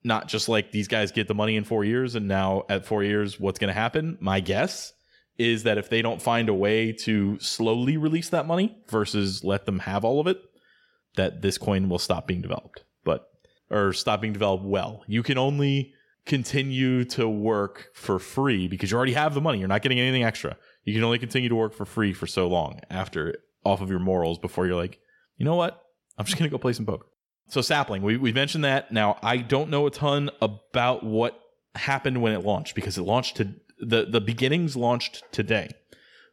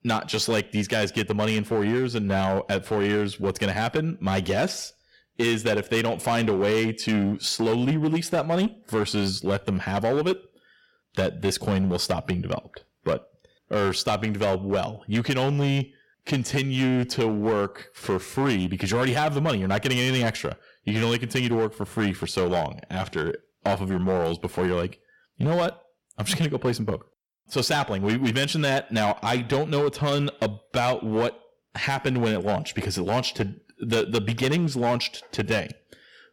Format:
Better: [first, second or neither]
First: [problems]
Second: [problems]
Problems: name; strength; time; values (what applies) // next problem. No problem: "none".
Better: first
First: none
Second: distortion; slight; 9% of the sound clipped